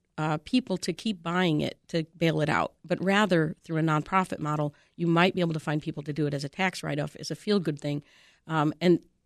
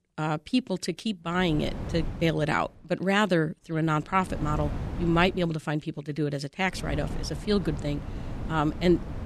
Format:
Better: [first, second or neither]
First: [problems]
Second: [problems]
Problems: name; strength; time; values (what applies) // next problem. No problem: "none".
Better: first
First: none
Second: wind noise on the microphone; occasional gusts; from 1.5 to 3 s, from 3.5 to 5.5 s and from 6.5 s on; 15 dB below the speech